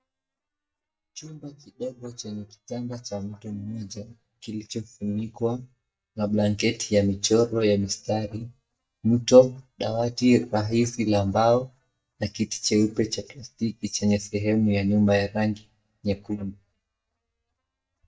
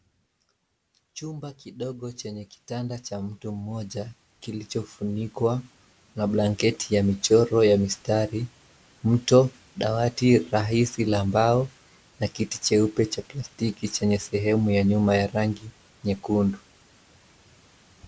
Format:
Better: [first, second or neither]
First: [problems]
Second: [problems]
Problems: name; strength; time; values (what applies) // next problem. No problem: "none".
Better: second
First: noise reduction (neural mask model DeepFilterNet 3)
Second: none